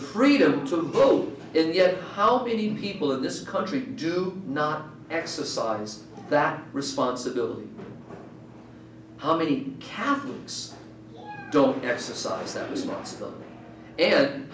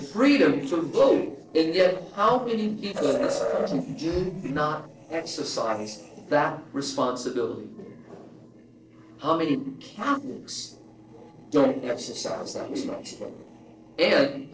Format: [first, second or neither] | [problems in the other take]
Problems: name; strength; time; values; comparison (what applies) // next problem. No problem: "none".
first | noise reduction (neural separator model SepFormer DNS4)